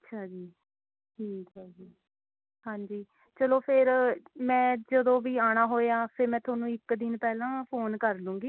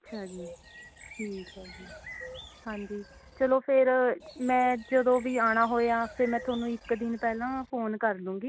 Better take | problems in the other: first | background sound (Bird); 18 dB below the speech

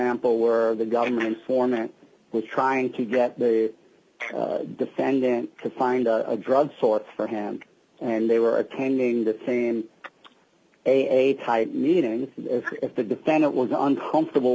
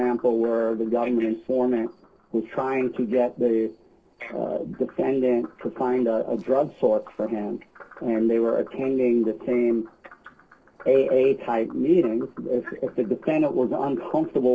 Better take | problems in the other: first | noise reduction (neural separator model SepFormer DNS4)

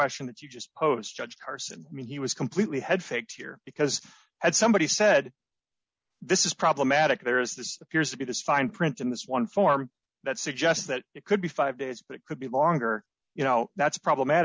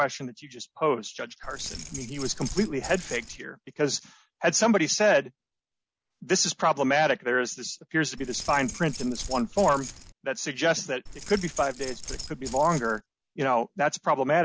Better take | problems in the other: first | background sound (Keys jangling); 11 dB below the speech

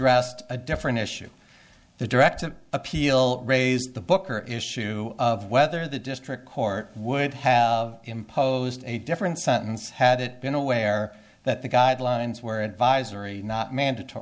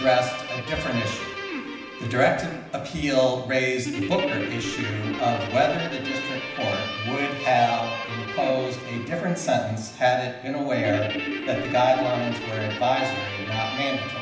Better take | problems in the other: first | background sound (Guitar); 7 dB below the speech // room echo; dies away in 0.9 s

